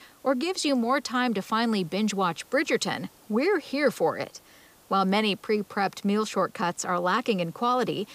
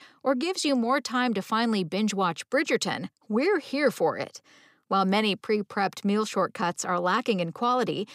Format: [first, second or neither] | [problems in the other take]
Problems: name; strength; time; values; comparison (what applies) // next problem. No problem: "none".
second | hiss; faint; throughout; 30 dB below the speech